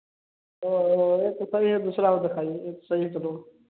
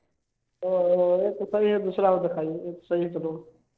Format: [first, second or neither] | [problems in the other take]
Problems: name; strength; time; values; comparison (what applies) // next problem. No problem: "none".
first | noise reduction (neural separator model SepFormer DNS4)